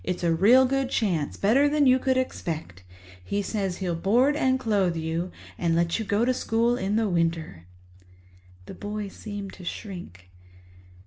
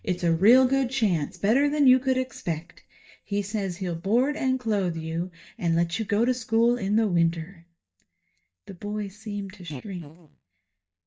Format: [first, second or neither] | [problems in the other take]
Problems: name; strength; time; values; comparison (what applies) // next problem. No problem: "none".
first | noise reduction (neural mask model DeepFilterNet 3)